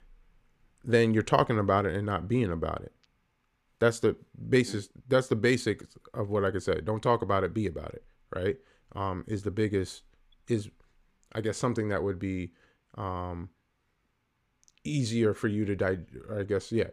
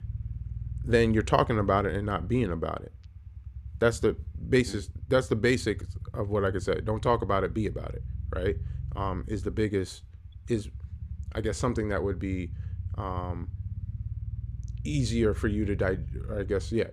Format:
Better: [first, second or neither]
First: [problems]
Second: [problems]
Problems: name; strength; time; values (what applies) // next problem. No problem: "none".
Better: first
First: none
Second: low rumble; faint; throughout; 25 dB below the speech